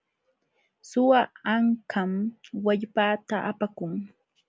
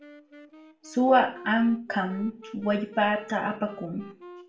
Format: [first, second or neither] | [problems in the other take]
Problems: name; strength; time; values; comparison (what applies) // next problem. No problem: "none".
first | background sound (Wind instrument, woodwind instrument); 19 dB below the speech // room echo; dies away in 0.4 s